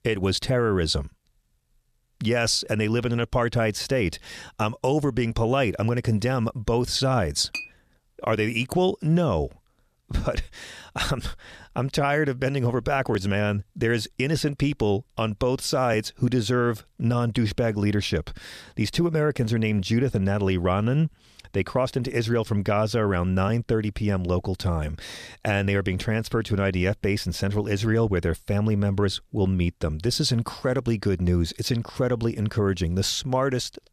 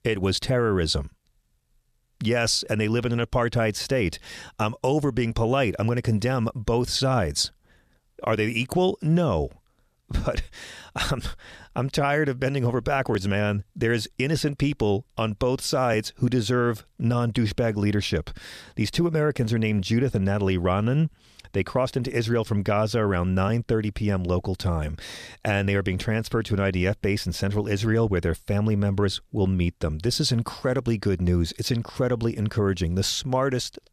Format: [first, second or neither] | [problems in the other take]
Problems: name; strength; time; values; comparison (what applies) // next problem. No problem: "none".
second | clattering dishes; noticeable; at 7.5 s; peak 9 dB below the speech